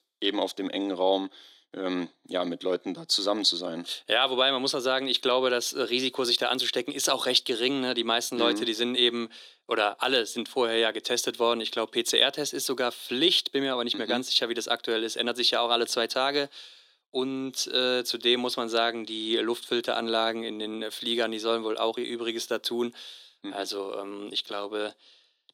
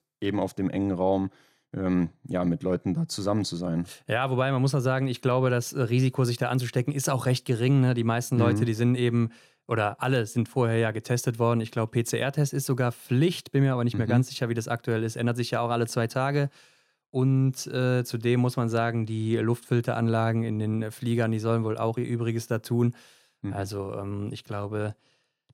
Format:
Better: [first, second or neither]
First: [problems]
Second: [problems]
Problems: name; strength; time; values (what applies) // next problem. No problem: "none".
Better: second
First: thin; somewhat; fading below 300 Hz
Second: none